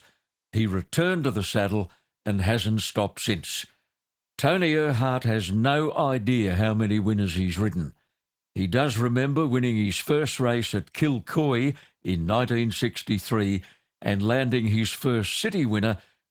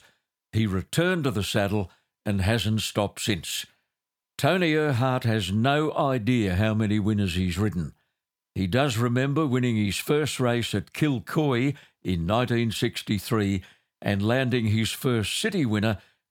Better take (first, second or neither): second